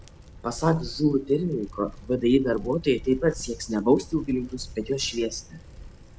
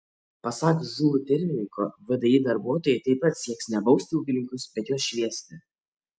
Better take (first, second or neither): second